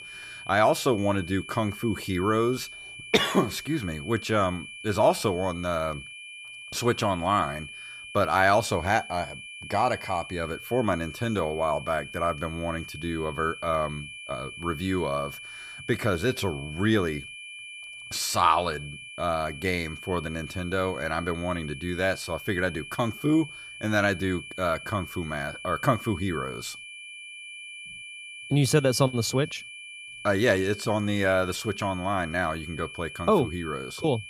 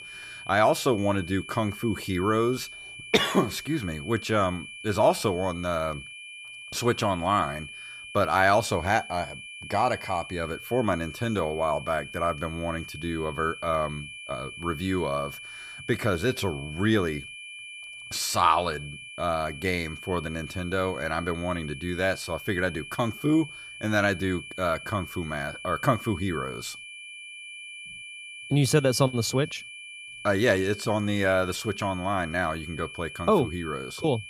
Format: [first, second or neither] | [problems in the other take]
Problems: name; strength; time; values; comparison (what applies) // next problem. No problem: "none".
neither | high-pitched whine; noticeable; throughout; 2.5 kHz, 10 dB below the speech; the same in both